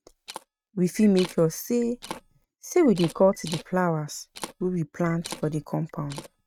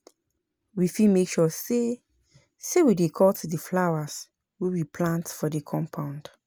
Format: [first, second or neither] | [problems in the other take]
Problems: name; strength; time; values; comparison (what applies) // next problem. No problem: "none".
second | noise reduction (neural mask model RNNoise)